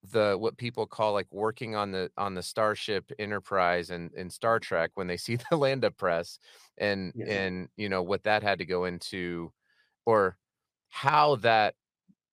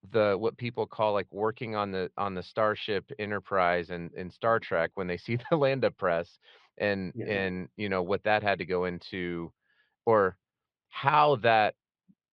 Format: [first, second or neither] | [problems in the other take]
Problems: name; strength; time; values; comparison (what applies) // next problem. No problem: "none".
first | muffled; slightly; fading above 3.5 kHz